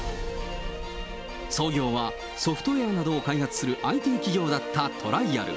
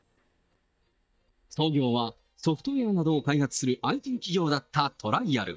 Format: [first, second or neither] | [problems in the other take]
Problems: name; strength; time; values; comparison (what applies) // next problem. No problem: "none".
first | noise reduction (neural mask model DeepFilterNet 3)